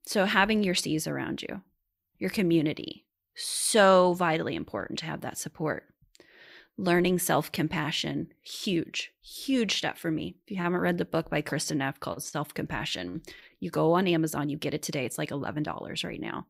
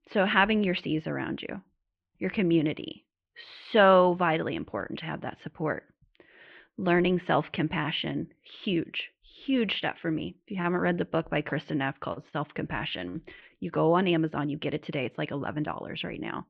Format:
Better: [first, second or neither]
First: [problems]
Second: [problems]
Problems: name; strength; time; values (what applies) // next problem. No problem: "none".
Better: first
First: none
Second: muffled; very; fading above 3 kHz